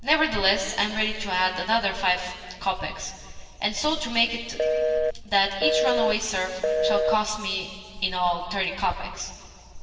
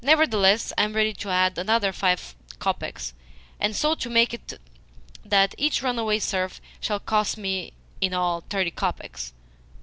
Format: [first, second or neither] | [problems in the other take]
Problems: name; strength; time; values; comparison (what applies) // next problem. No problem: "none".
second | background sound (Telephone); 1 dB above the speech // room echo; dies away in 2.6 s